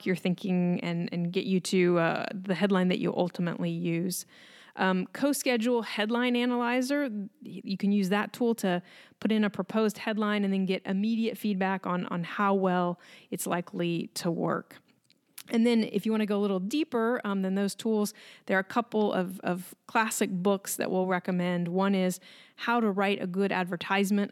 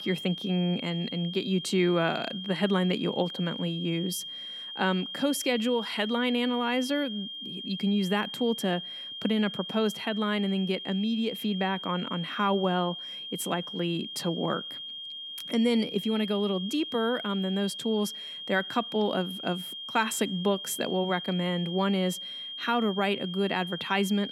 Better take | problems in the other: first | high-pitched whine; loud; throughout; 3 kHz, 7 dB below the speech

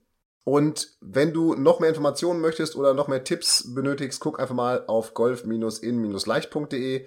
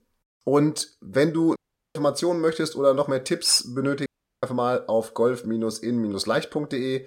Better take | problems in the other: first | audio cutting out; at 1.5 s and at 4 s

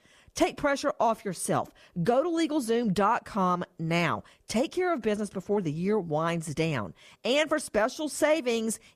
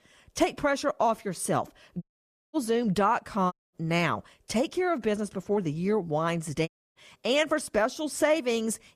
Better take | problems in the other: first | audio cutting out; at 2 s for 0.5 s, at 3.5 s and at 6.5 s

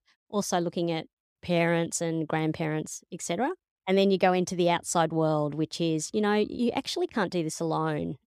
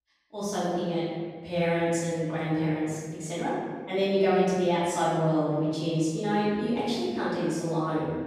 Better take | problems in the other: first | room echo; strong; dies away in 2.1 s // off-mic speech; far

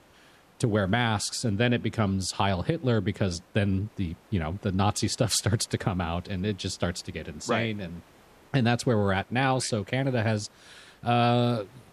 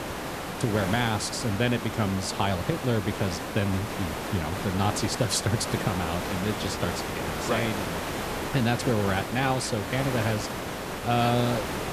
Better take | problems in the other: first | hiss; loud; throughout; 4 dB below the speech; faint in the first

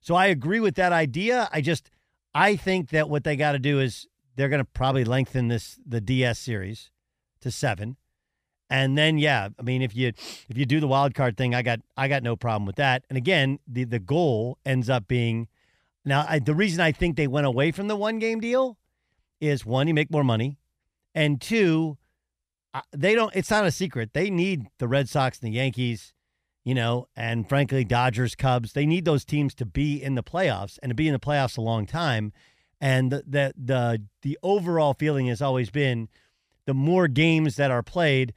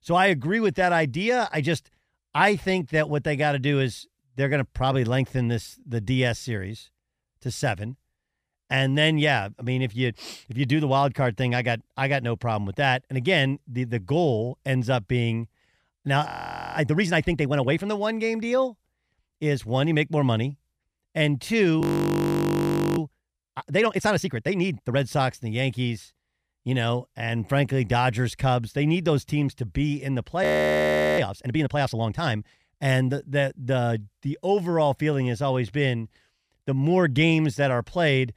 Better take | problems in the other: first | audio freezing; at 16 s, at 22 s for 1 s and at 30 s for 0.5 s

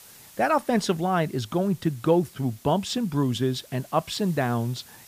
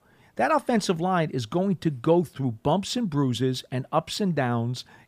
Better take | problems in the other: second | hiss; faint; throughout; 25 dB below the speech

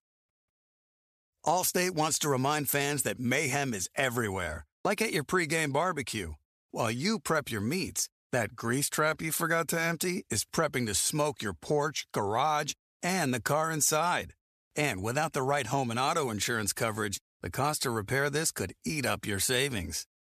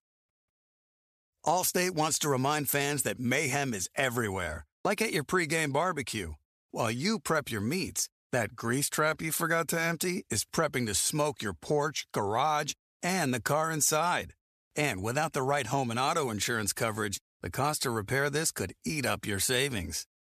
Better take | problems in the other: neither | none

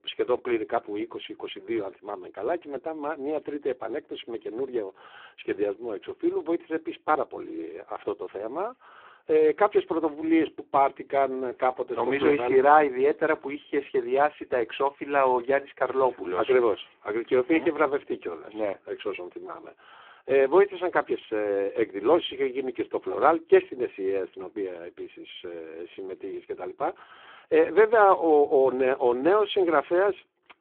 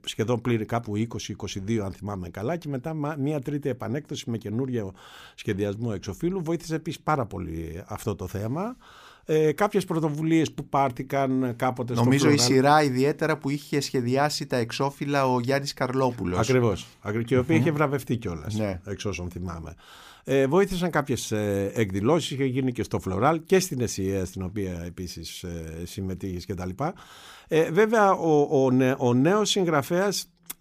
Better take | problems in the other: second | phone-call audio; poor line

